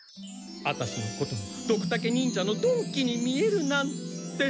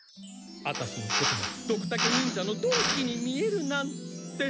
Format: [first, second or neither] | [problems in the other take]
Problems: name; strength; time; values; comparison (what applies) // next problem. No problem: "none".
first | background sound (Drill); 1 dB below the speech